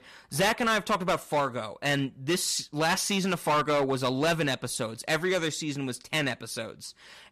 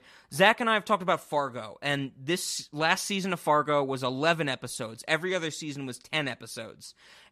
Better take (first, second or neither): second